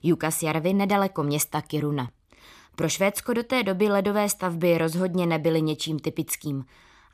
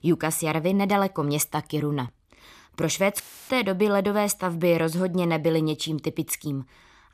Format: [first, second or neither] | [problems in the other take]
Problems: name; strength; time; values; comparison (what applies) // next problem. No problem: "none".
first | audio cutting out; filled with static; at 3 s